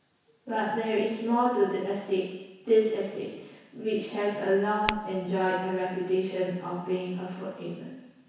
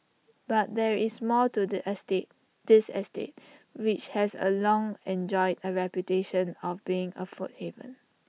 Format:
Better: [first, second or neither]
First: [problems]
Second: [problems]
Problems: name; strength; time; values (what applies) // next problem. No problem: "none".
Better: second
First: background sound (Tap / Glass); 12 dB below the speech // room echo; dies away in 1.1 s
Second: none